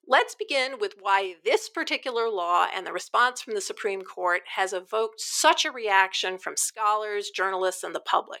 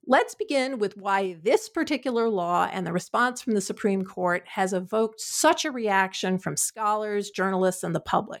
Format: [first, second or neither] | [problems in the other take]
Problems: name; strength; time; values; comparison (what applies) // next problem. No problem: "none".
second | thin; very; fading below 400 Hz